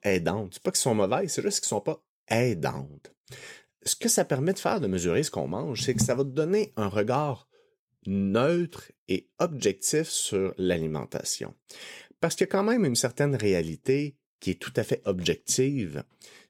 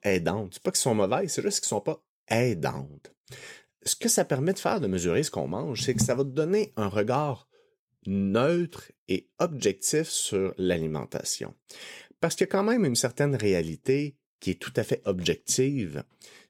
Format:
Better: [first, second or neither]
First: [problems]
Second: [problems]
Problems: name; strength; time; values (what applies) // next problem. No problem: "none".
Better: neither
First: none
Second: none